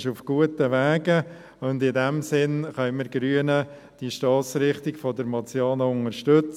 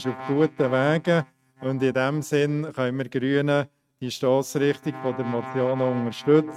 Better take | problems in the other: first | noise reduction (neural mask model RNNoise)

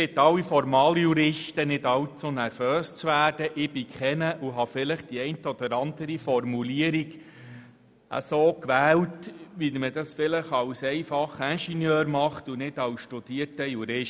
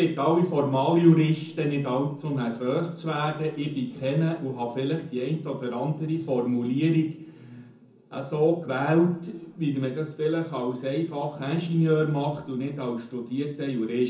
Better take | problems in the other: first | room echo; dies away in 0.6 s

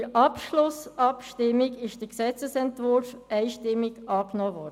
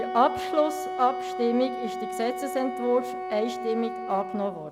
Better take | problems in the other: first | background sound (Wind instrument, woodwind instrument); 6 dB below the speech

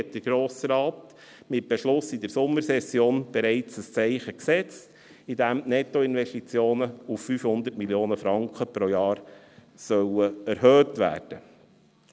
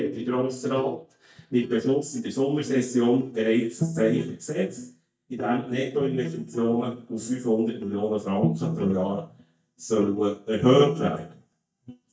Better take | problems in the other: first | noise reduction (neural mask model DeepFilterNet 3)

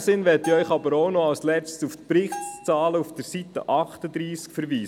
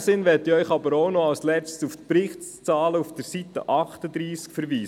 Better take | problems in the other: second | background sound (Bell); 18 dB below the speech

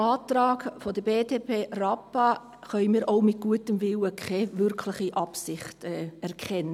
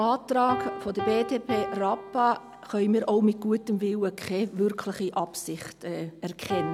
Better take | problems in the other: first | background sound (Piano); 11 dB below the speech

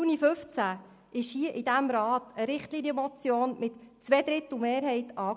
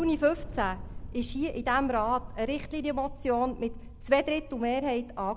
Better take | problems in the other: first | background sound (Thunder); 11 dB below the speech

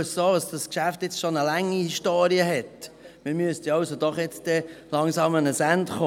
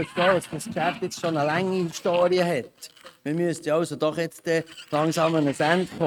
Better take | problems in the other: first | noise reduction (neural mask model RNNoise)

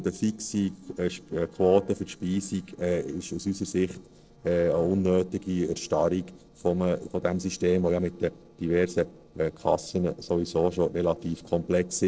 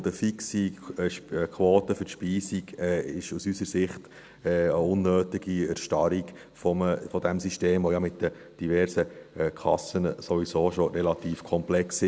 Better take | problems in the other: second | noise reduction (neural separator model SepFormer DNS4)

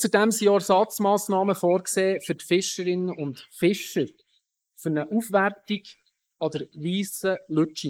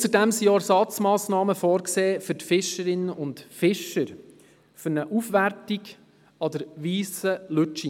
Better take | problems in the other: second | noise reduction (neural mask model Resemble Enhance denoiser)

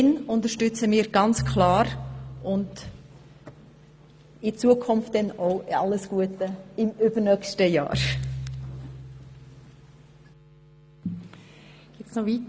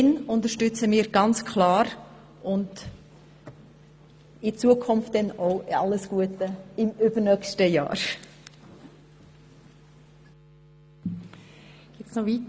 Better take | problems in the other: second | background sound (Piano); 10 dB below the speech

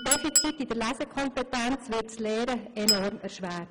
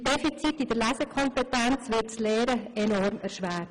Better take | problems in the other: second | background sound (Chink, clink); 3 dB below the speech

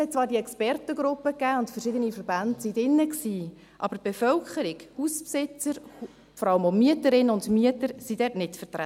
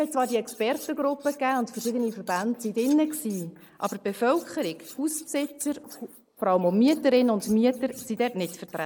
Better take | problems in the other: first | noise reduction (neural mask model Resemble Enhance denoiser)

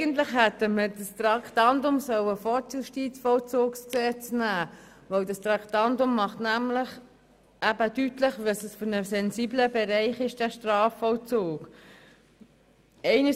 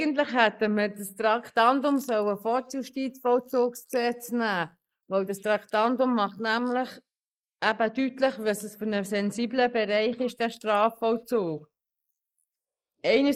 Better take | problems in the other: first | noise reduction (neural mask model Resemble Enhance denoiser)

